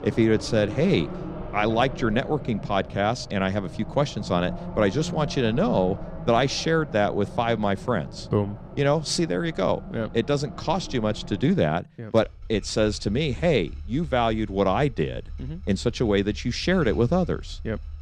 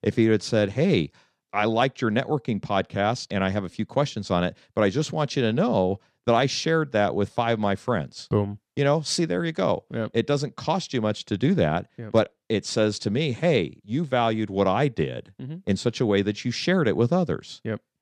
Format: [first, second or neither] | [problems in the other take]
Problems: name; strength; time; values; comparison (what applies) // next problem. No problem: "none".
second | traffic noise; noticeable; throughout; 15 dB below the speech